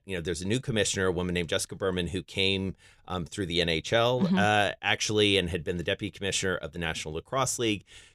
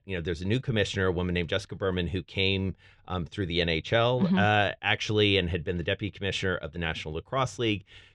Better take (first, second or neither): first